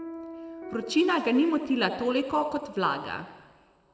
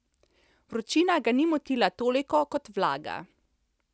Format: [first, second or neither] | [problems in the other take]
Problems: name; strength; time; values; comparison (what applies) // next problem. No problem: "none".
second | background sound (Piano); 17 dB below the speech // room echo; dies away in 2 s